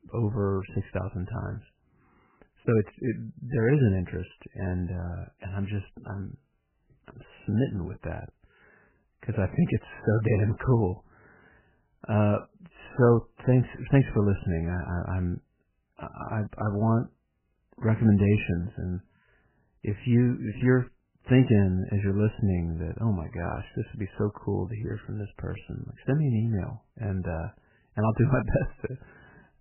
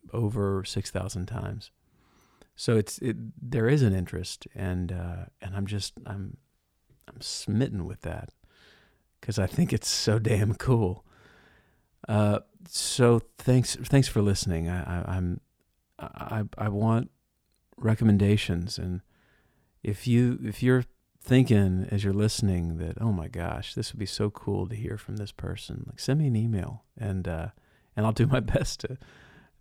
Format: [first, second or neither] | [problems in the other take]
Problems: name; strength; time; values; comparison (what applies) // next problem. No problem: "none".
second | garbled, watery; badly; nothing above 3 kHz